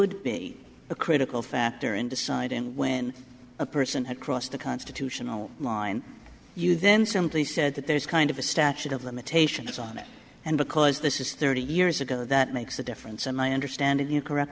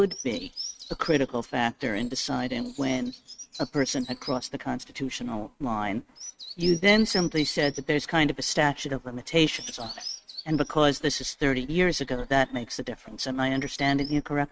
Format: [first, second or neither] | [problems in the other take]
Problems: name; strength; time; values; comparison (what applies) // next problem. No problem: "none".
first | noise reduction (neural mask model RNNoise)